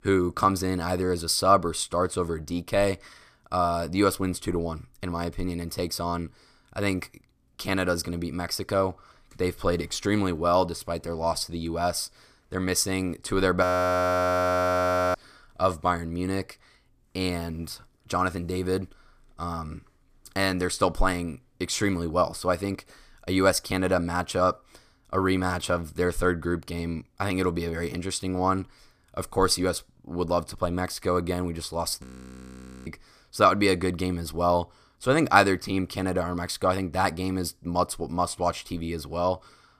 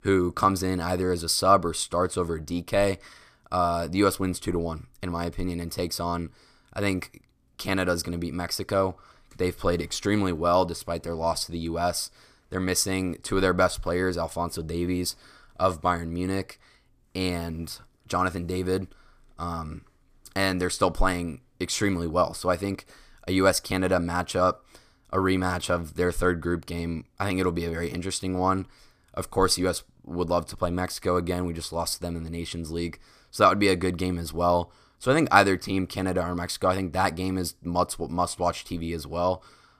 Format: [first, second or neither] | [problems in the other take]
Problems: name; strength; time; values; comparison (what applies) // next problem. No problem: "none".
second | audio freezing; at 14 s for 1.5 s and at 32 s for 1 s